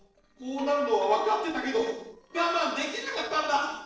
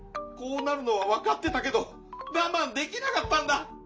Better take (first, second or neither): second